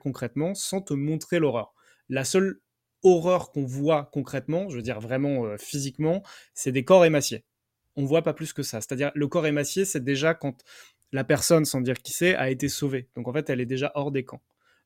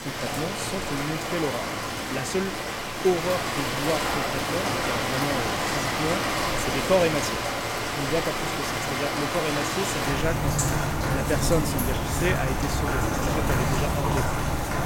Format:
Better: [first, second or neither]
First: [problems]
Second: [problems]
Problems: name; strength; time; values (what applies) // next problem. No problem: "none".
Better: first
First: none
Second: rain or running water; very loud; throughout; 4 dB above the speech